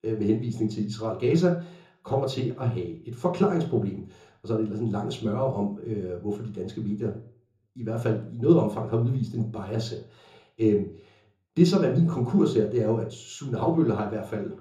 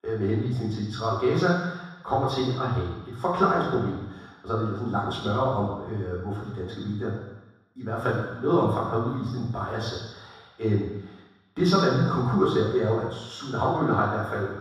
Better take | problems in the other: first | room echo; strong; dies away in 1.2 s; slight in the first // off-mic speech; far; far in the first

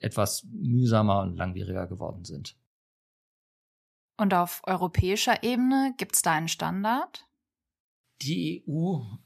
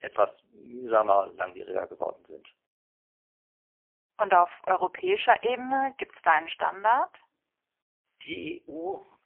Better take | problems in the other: first | phone-call audio; poor line; nothing above 3 kHz

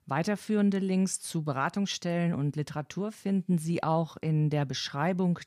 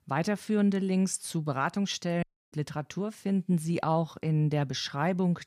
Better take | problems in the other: first | audio cutting out; at 2 s

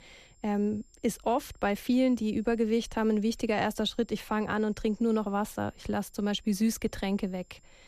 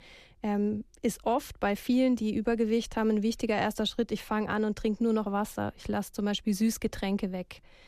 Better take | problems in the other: second | high-pitched whine; faint; throughout; 7.5 kHz, 35 dB below the speech

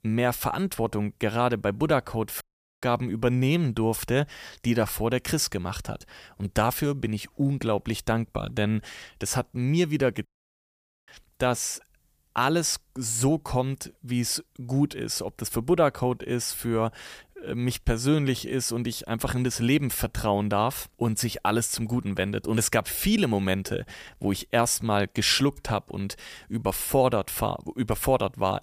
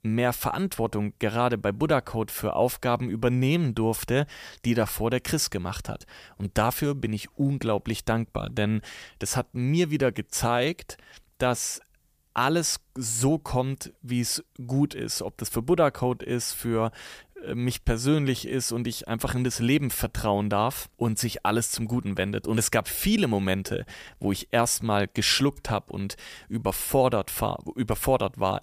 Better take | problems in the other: second | audio cutting out; at 2.5 s and at 10 s for 1 s

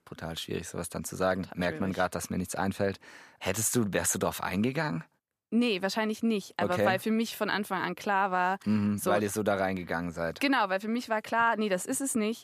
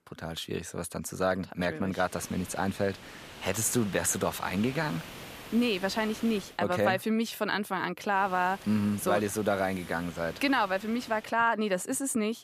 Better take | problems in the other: first | hiss; noticeable; from 2 to 6.5 s and from 8 to 11 s; 15 dB below the speech

